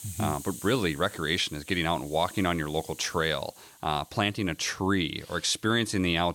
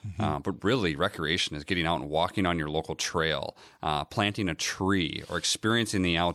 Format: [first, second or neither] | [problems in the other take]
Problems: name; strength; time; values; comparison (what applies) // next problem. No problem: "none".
second | hiss; noticeable; throughout; 20 dB below the speech